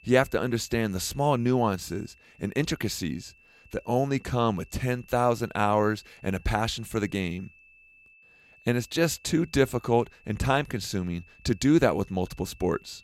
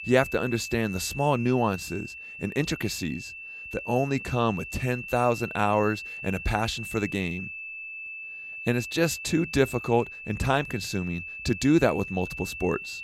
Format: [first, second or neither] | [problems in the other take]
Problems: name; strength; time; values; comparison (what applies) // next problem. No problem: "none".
first | high-pitched whine; loud; throughout; 2.5 kHz, 9 dB below the speech; faint in the first